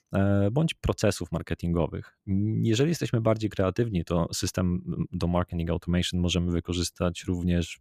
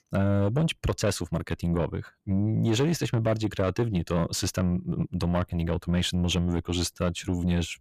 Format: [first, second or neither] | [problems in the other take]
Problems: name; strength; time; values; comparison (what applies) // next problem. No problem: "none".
first | distortion; slight; 10 dB below the speech